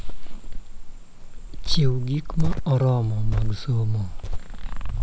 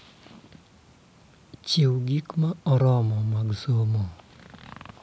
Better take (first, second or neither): second